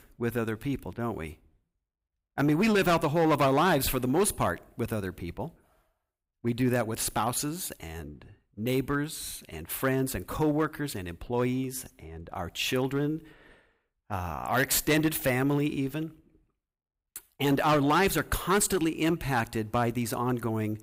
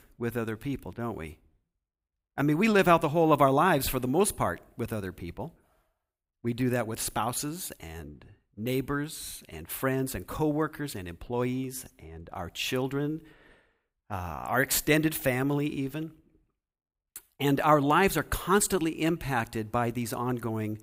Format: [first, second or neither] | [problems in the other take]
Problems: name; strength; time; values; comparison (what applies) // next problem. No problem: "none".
second | distortion; slight; 4% of the sound clipped